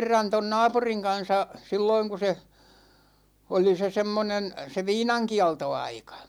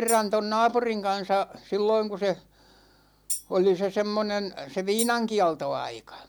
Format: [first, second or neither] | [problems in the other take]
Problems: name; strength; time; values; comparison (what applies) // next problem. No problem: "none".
first | background sound (Tambourine); 11 dB below the speech